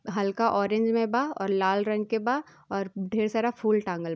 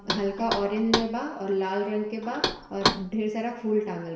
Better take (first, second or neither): first